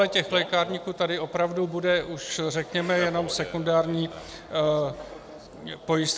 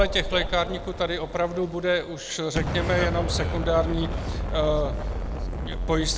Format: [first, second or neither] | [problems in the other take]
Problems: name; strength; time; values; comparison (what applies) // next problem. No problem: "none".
first | background sound (Explosion); 3 dB below the speech